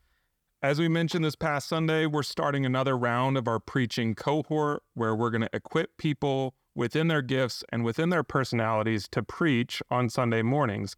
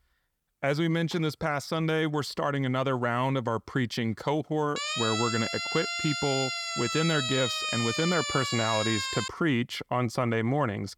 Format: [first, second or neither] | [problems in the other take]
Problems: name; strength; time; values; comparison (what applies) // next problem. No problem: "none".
first | siren; loud; from 5 to 9.5 s; peak level with the speech